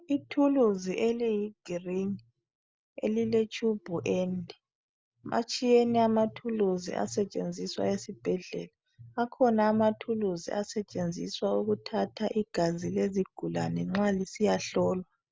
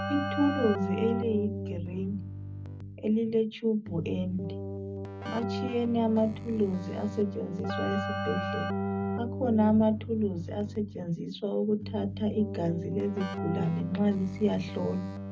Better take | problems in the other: first | background sound (Keyboard (musical)); 5 dB below the speech // room echo; dies away in 0.4 s

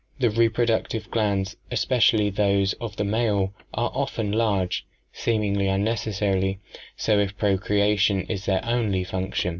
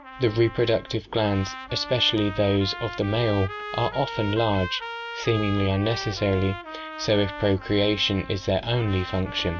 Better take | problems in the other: first | background sound (Trumpet); 12 dB below the speech

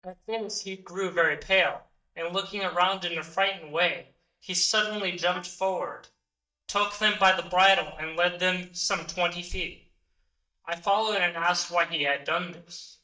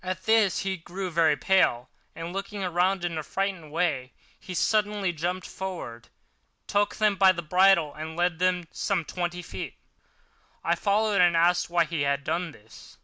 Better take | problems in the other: second | noise reduction (neural mask model DeepFilterNet 3)

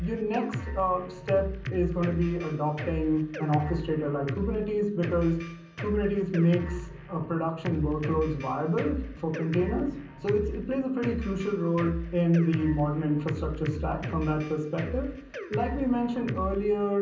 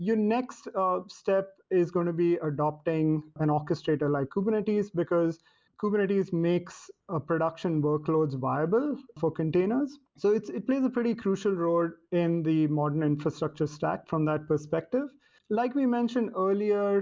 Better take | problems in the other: second | background sound (Drum kit); 8 dB below the speech // room echo; dies away in 0.6 s

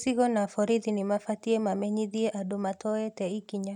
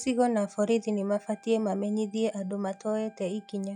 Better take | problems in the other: first | noise reduction (classical method log-MMSE)

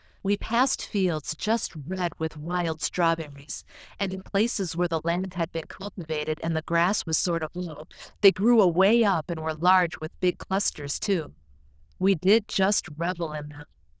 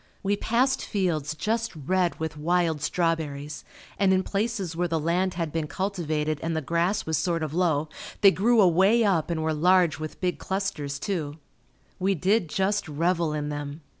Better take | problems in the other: second | noise reduction (neural diffusion model UNIVERSE++)

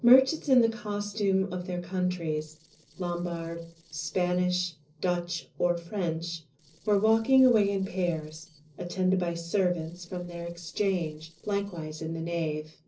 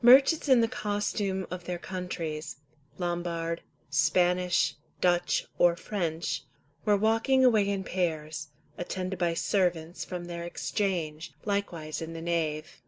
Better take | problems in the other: second | noise reduction (neural separator model SepFormer DNS4)

